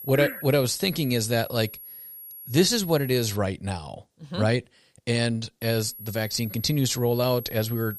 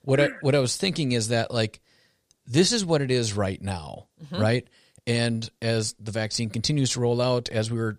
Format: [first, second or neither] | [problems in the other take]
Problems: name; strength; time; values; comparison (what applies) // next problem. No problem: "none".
second | high-pitched whine; noticeable; until 3.5 s and from 5.5 s on; 11.5 kHz, 15 dB below the speech